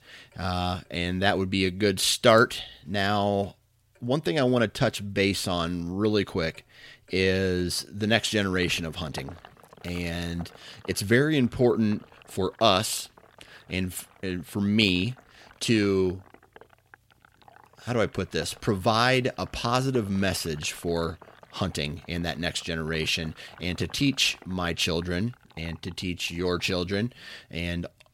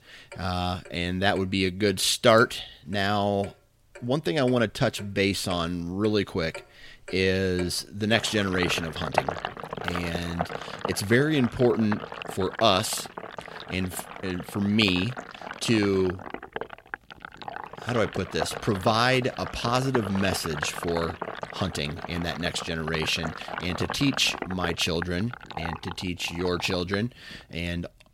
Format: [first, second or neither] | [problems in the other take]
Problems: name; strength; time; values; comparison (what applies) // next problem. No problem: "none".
first | household noises; loud; throughout; 10 dB below the speech; faint in the first